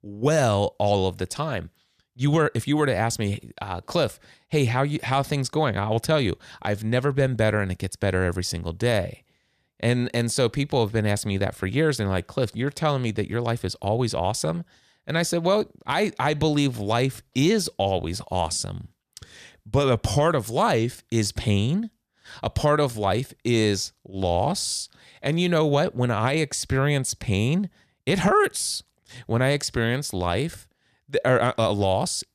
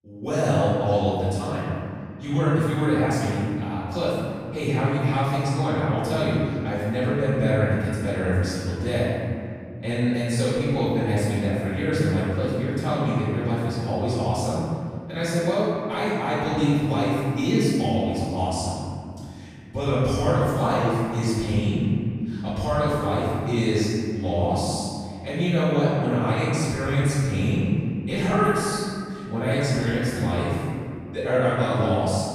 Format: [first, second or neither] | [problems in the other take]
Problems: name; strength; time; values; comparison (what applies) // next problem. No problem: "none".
first | off-mic speech; far // room echo; strong; dies away in 2.6 s